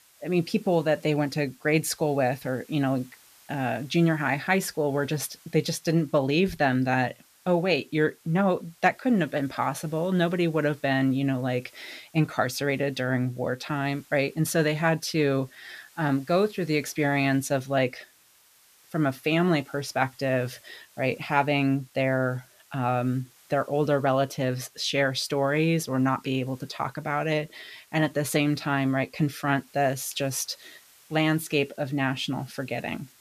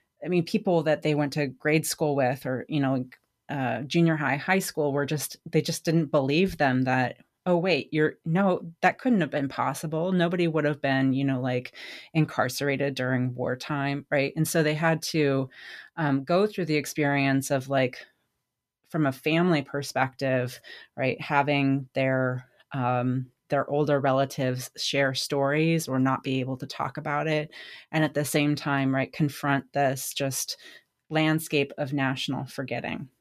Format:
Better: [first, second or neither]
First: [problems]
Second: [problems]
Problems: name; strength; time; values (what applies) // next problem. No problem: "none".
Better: second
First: hiss; faint; throughout; 30 dB below the speech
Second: none